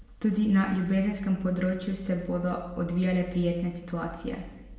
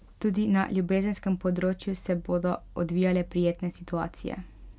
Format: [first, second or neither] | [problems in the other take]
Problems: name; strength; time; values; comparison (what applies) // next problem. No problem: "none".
second | room echo; dies away in 0.9 s